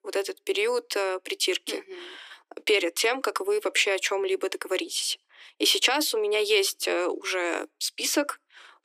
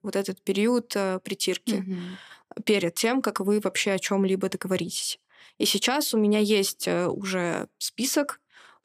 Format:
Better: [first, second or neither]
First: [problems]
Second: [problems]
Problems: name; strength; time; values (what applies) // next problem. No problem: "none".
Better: second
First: thin; very; fading below 300 Hz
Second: none